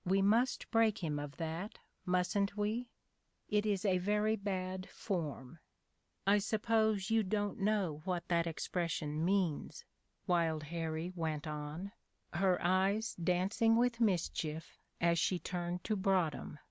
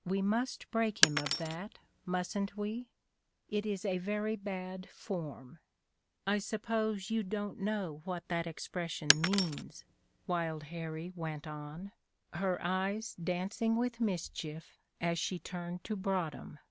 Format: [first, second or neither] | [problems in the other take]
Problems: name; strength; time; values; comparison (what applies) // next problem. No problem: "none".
first | background sound (Shatter); as loud as the speech